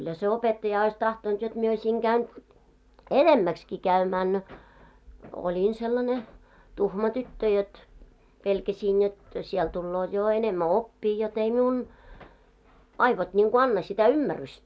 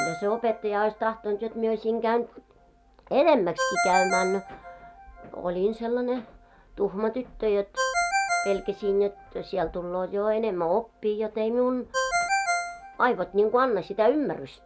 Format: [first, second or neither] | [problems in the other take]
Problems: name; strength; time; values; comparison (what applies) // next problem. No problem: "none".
first | background sound (Ringtone); 6 dB below the speech